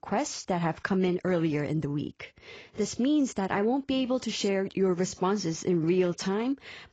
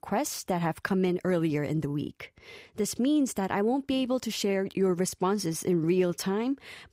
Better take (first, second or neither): second